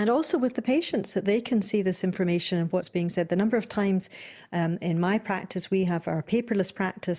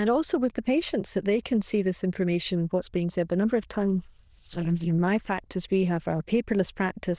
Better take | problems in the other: first | noise reduction (neural diffusion model UNIVERSE++)

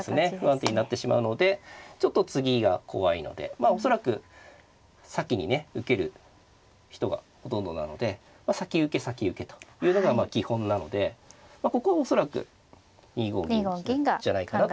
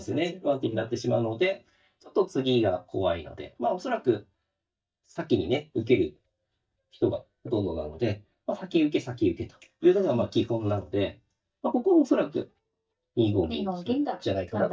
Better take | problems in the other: first | noise reduction (neural mask model DeepFilterNet 3)

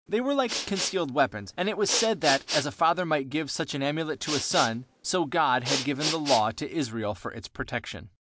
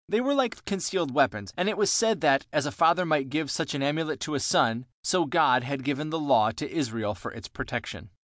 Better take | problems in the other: second | background sound (Respiratory sounds); 7 dB below the speech

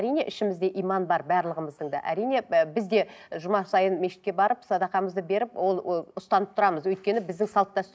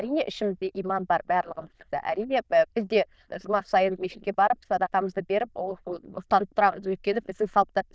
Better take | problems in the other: first | noise reduction (neural diffusion model UNIVERSE++)

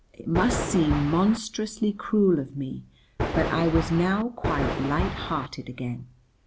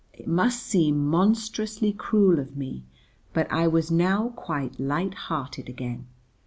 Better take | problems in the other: second | background sound (Thunder); 3 dB below the speech

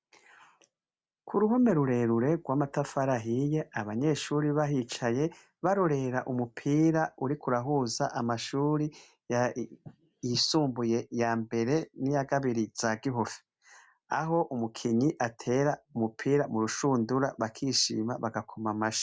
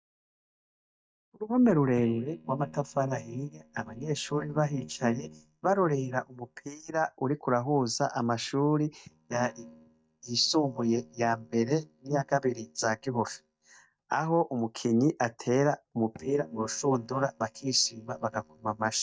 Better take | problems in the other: first | noise reduction (neural mask model DeepFilterNet 3)

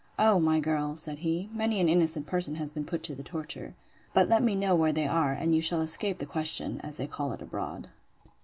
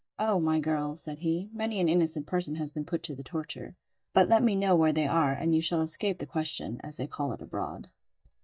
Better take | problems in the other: first | noise reduction (neural mask model DeepFilterNet 3)

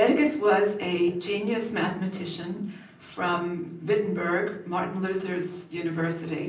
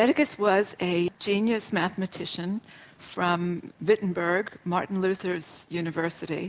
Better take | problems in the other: second | room echo; dies away in 0.6 s

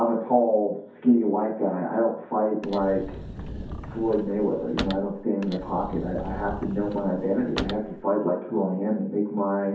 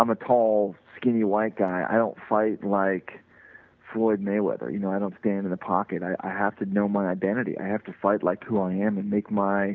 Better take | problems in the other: second | background sound (Sliding door / Slam / Wood); 11 dB below the speech // room echo; dies away in 0.6 s

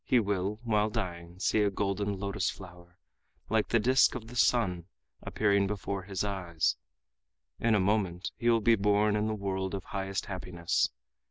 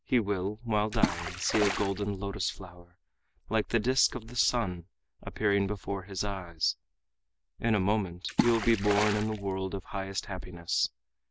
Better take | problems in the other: first | background sound (Water / Splash, splatter); 4 dB below the speech

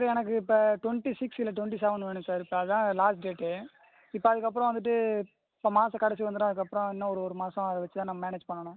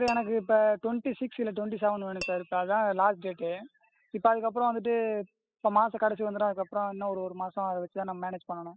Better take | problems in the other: first | noise reduction (classical method spectral subtraction)

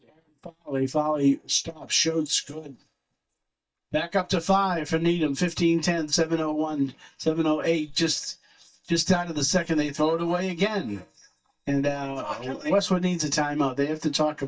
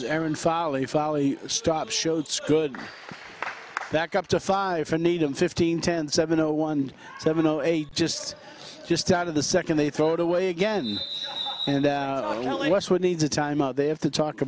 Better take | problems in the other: second | noise reduction (neural mask model DeepFilterNet 3)

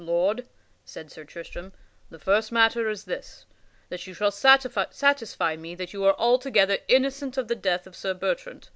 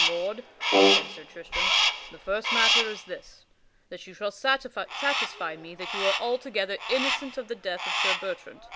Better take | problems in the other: first | background sound (Crow + Brass instrument); 4 dB above the speech

